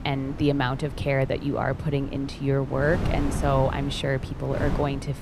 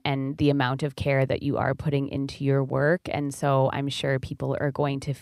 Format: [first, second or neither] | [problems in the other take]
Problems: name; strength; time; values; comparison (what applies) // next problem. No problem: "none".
second | wind noise on the microphone; occasional gusts; 10 dB below the speech